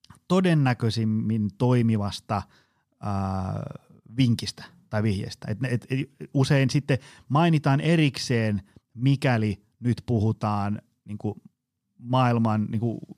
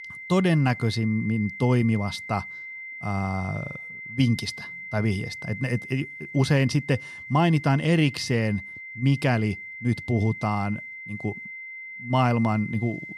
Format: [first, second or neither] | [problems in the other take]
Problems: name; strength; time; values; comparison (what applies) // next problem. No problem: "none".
first | high-pitched whine; noticeable; throughout; 2 kHz, 10 dB below the speech